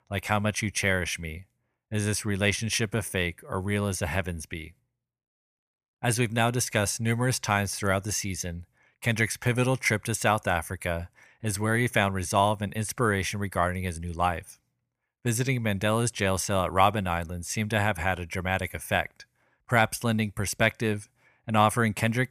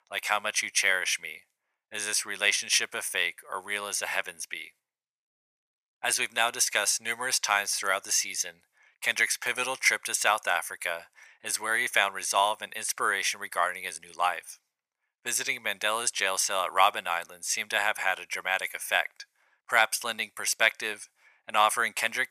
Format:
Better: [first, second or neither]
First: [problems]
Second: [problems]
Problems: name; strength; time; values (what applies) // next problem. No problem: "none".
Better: first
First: none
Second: thin; very; fading below 850 Hz